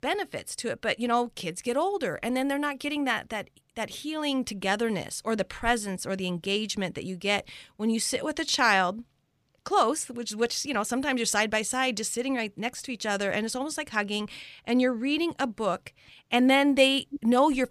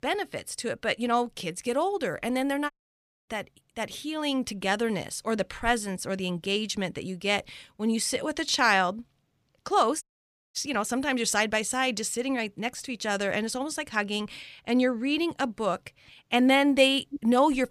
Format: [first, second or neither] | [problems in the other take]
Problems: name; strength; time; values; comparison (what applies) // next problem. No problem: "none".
first | audio cutting out; at 2.5 s for 0.5 s and at 10 s for 0.5 s